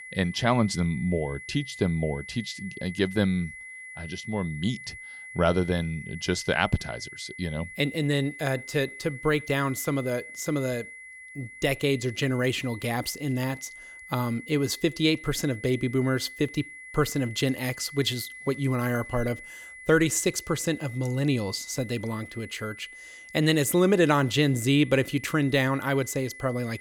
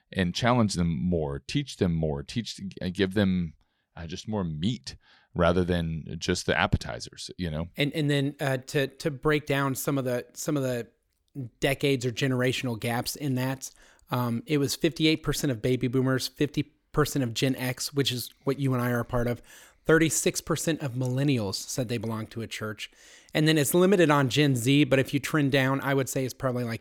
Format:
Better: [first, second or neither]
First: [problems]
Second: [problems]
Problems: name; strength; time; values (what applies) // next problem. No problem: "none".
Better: second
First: high-pitched whine; noticeable; throughout; 2 kHz, 15 dB below the speech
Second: none